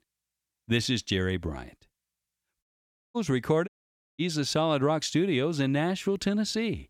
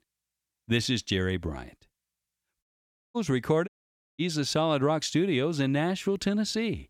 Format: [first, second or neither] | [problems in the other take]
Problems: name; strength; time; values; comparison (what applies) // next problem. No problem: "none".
neither | audio cutting out; at 2.5 s for 0.5 s and at 3.5 s; the same in both